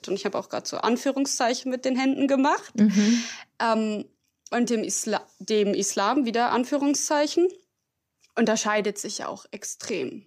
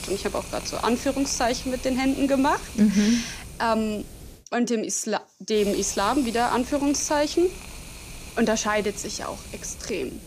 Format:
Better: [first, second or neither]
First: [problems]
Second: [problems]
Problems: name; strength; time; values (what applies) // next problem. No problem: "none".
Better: first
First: none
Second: hiss; noticeable; until 4.5 s and from 5.5 s on; 15 dB below the speech